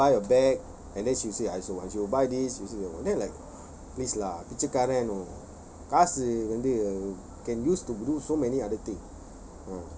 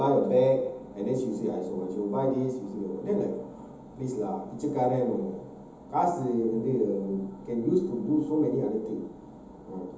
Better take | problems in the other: first | room echo; dies away in 1.3 s

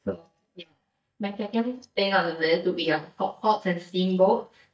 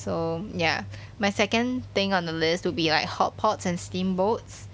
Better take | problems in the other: second | noise reduction (neural mask model DeepFilterNet 3)

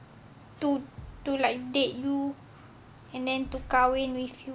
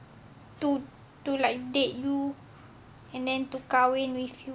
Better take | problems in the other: second | background sound (Thump, thud); 19 dB below the speech

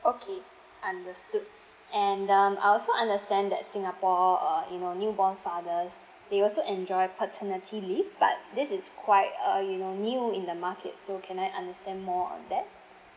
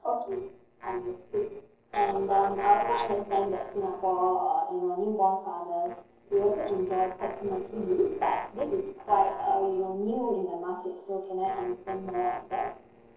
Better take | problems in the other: first | noise reduction (neural separator model SepFormer DNS4)

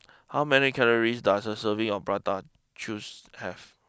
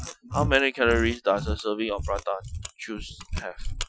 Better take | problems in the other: first | noise reduction (classical method Wiener filter)

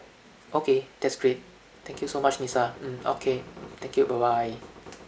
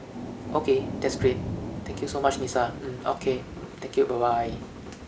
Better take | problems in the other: first | background sound (Thunder / Rain); 8 dB below the speech

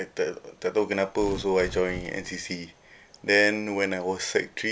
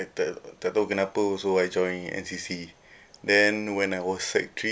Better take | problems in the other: second | background sound (Tearing); 16 dB below the speech

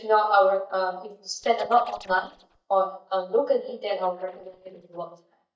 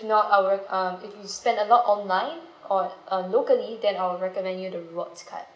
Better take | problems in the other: second | noise reduction (neural mask model DeepFilterNet 3)

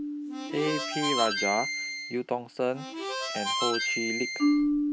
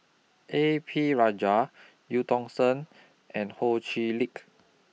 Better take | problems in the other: second | background sound (Marimba, xylophone + Harmonica); 3 dB above the speech

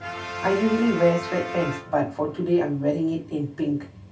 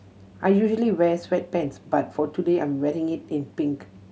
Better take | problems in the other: second | background sound (Brass instrument); 11 dB below the speech // room echo; dies away in 0.2 s

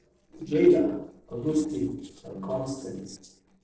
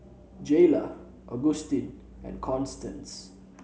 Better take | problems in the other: second | noise reduction (neural separator model SepFormer DNS4)

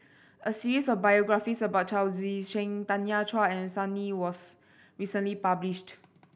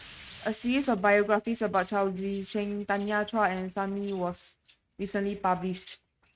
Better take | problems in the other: first | noise reduction (neural mask model RNNoise)

